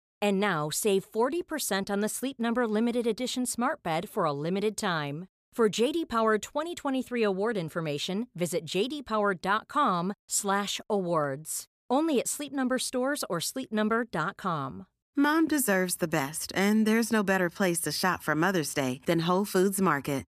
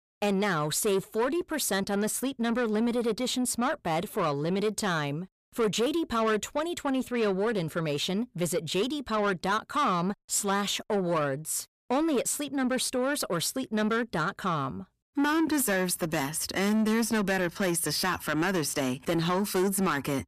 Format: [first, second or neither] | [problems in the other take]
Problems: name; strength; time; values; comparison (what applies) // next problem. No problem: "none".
first | distortion; slight; 10 dB below the speech